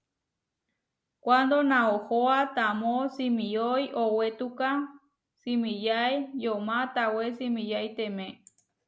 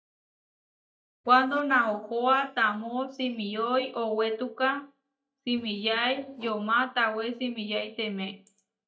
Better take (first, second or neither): first